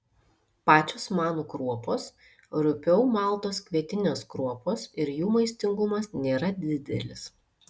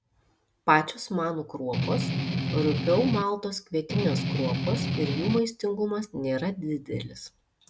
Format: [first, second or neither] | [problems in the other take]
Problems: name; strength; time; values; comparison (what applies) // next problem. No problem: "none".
first | background sound (Strum); 1 dB above the speech